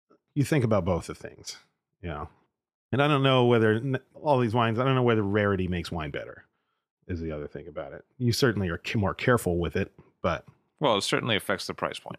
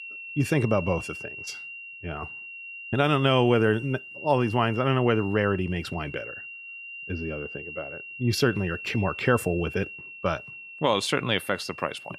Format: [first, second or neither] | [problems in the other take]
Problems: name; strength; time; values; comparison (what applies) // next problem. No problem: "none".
first | high-pitched whine; noticeable; throughout; 3 kHz, 10 dB below the speech